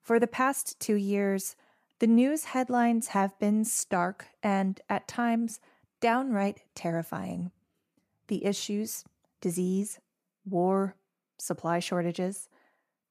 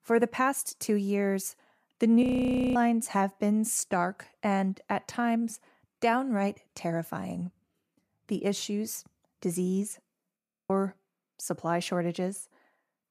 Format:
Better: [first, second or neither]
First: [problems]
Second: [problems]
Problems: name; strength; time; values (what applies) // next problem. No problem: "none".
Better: first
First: none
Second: audio freezing; at 2 s for 0.5 s and at 10 s